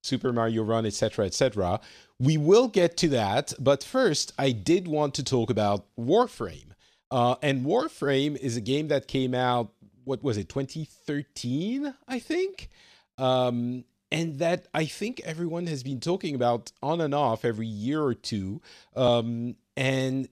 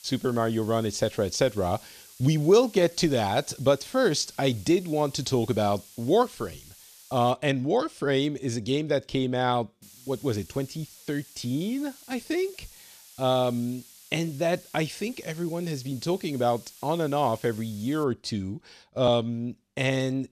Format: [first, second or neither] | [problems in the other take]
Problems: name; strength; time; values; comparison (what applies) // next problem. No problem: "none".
first | hiss; faint; until 7.5 s and from 10 to 18 s; 20 dB below the speech